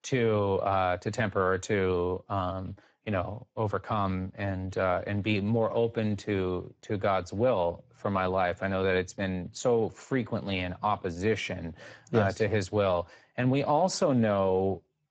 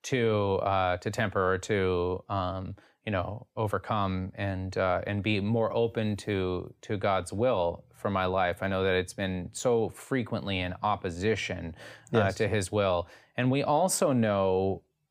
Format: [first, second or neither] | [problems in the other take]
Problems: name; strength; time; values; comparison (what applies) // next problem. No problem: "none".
second | garbled, watery; badly; nothing above 8 kHz